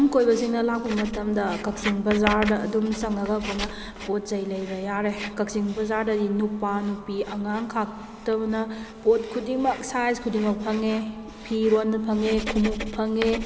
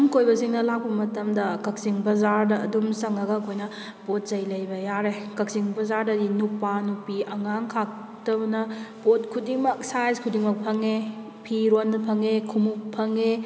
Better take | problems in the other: second | background sound (Writing); 13 dB below the speech

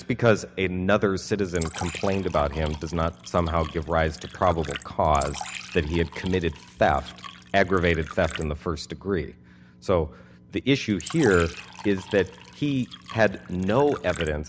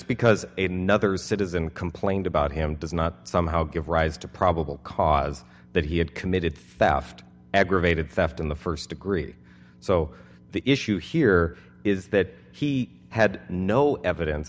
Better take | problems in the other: second | background sound (Fill (with liquid)); 16 dB below the speech

